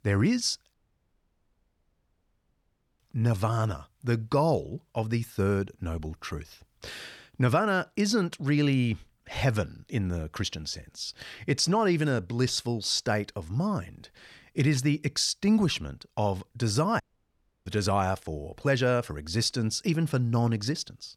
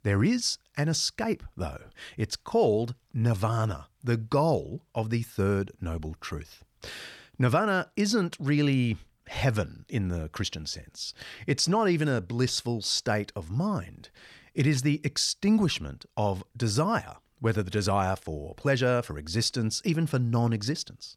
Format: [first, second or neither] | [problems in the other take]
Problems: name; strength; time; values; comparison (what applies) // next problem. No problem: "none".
second | audio cutting out; at 0.5 s for 2.5 s and at 17 s for 0.5 s